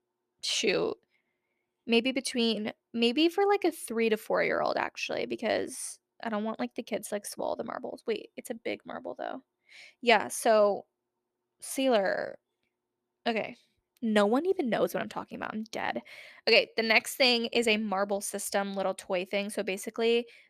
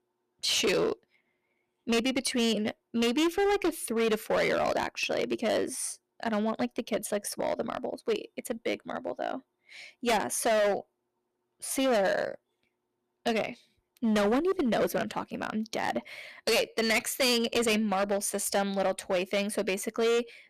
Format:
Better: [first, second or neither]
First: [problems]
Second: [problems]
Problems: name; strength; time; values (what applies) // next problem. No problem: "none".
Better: first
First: none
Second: distortion; heavy; 10% of the sound clipped